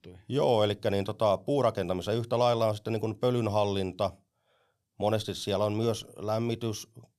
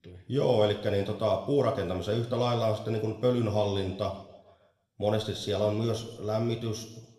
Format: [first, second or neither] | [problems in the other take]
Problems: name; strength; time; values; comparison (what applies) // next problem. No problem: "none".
first | room echo; slight; dies away in 0.8 s